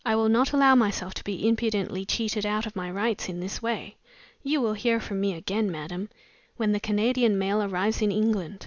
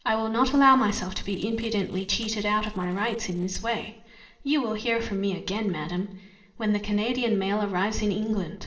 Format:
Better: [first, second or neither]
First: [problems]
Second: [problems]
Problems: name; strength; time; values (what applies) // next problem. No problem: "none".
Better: first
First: none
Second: noise reduction (neural separator model SepFormer DNS4)